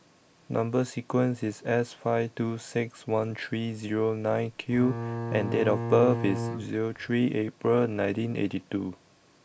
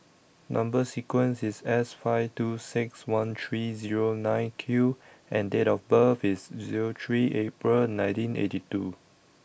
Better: second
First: background sound (Bowed string instrument); 5 dB below the speech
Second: none

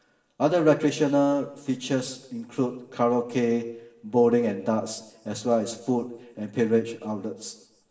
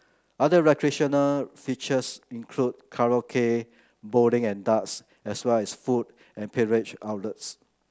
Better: second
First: room echo; dies away in 0.8 s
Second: none

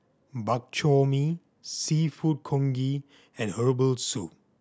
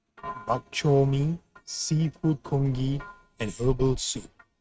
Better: first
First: none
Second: noise reduction (neural mask model RNNoise)

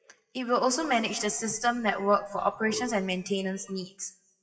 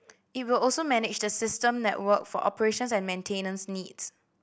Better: second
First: noise reduction (classical method WPE with log-MMSE)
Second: none

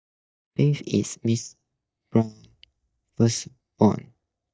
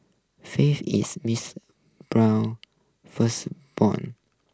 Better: second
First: noise reduction (neural mask model DeepFilterNet 3)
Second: none

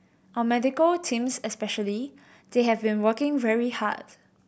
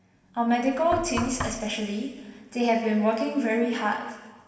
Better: first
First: none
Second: background sound (Knock); 12 dB below the speech // room echo; dies away in 1.4 s

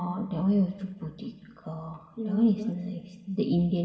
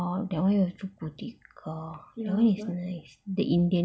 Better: second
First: room echo; dies away in 1.8 s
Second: none

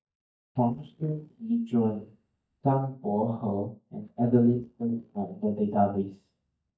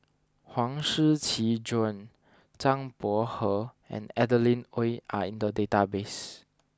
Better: second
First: noise reduction (neural mask model DeepFilterNet 3)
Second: none

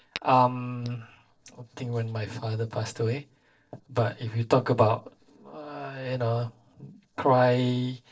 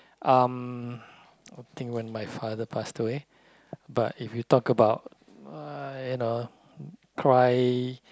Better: second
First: noise reduction (neural separator model SepFormer DNS4)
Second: none

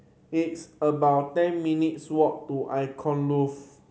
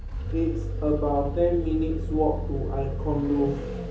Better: first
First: none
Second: background sound (Vehicle); 3 dB below the speech // room echo; dies away in 1.2 s

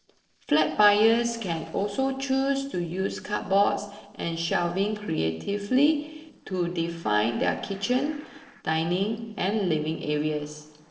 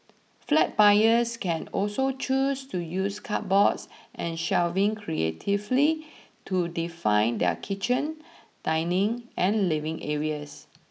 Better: second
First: noise reduction (neural separator model SepFormer DNS4)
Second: none

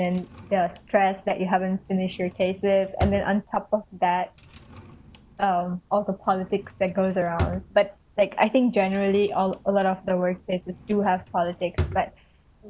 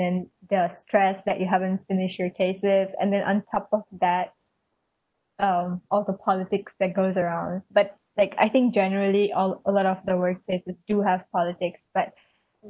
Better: second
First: background sound (Drawer open or close); 13 dB below the speech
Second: none

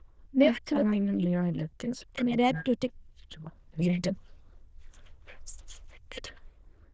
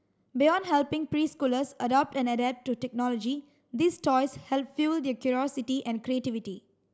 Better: second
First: noise reduction (neural diffusion model UNIVERSE++)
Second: none

